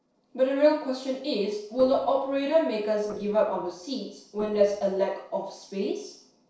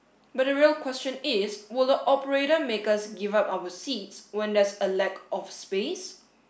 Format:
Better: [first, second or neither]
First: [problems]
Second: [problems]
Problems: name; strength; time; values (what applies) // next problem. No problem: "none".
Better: second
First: noise reduction (neural separator model SepFormer DNS4)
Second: none